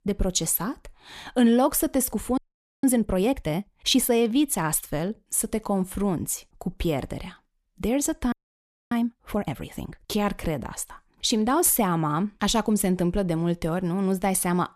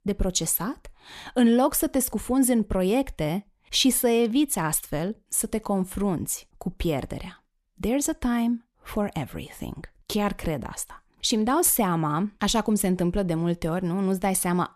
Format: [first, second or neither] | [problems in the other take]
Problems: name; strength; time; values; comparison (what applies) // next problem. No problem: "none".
second | audio freezing; at 2.5 s and at 8.5 s for 0.5 s